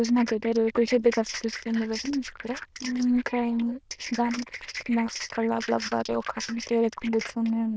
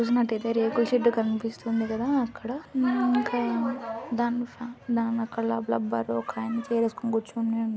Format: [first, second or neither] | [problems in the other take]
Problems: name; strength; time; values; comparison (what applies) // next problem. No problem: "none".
second | noise reduction (neural diffusion model UNIVERSE++)